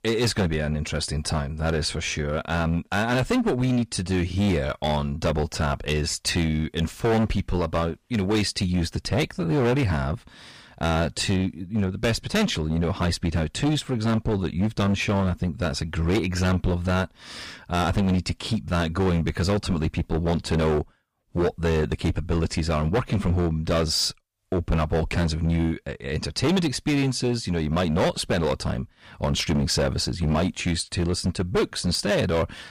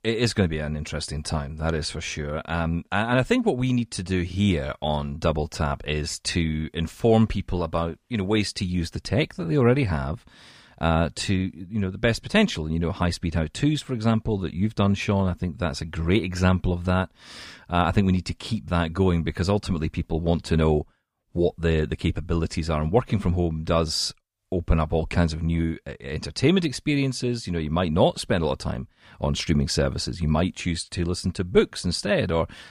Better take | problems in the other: second | distortion; heavy; 13% of the sound clipped

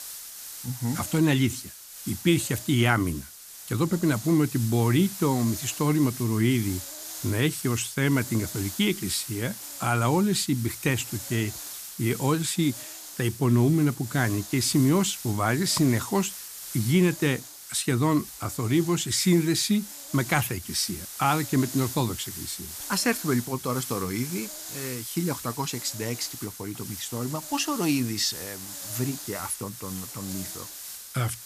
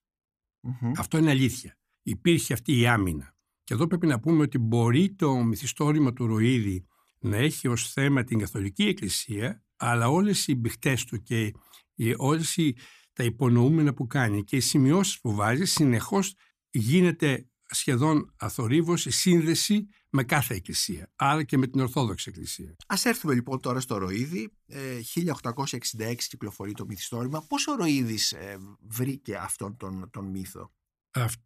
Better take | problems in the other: second | hiss; noticeable; throughout; 10 dB below the speech

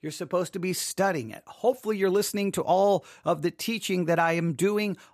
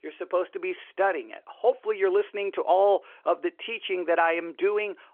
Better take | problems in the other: first | phone-call audio

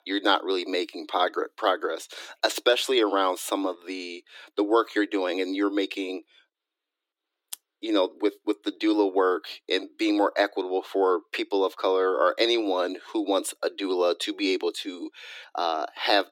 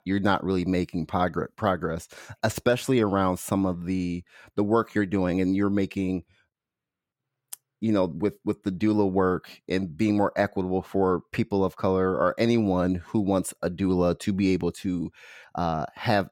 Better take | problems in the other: second | thin; somewhat; fading below 300 Hz

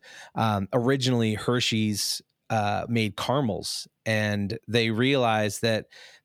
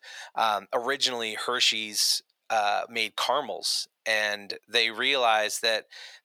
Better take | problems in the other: first | thin; very; fading below 800 Hz

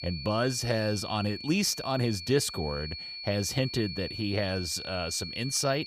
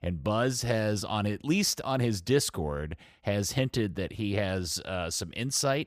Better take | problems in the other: second | high-pitched whine; loud; throughout; 4.5 kHz, 8 dB below the speech

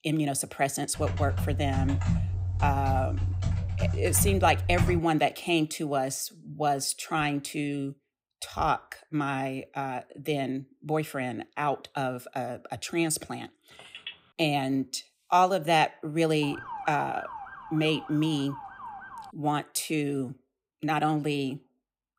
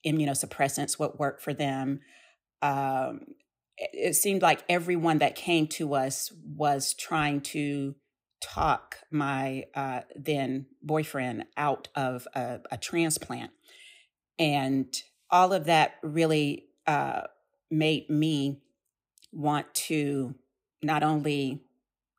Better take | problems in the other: second | keyboard typing; loud; from 1 to 5 s; peak 1 dB above the speech // phone ringing; faint; at 14 s; peak 10 dB below the speech // siren; noticeable; from 16 to 19 s; peak 10 dB below the speech

